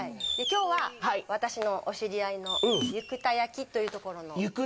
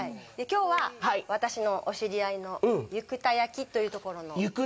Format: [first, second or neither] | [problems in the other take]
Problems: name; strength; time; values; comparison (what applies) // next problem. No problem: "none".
second | background sound (Fireworks + Snare drum); 7 dB below the speech